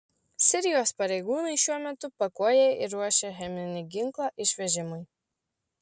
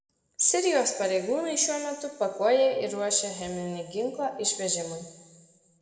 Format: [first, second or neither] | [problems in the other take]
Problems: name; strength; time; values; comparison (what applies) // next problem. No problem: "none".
first | room echo; dies away in 1.2 s